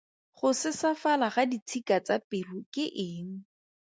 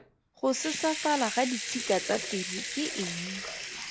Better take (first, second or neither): first